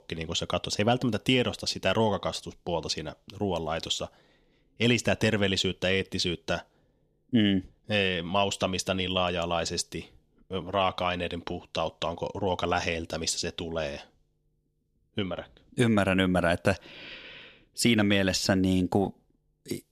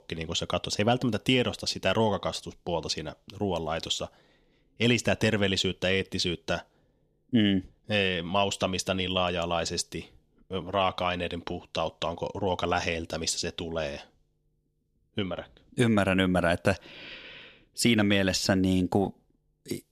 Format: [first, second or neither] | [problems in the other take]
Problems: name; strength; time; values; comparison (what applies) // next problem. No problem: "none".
neither | none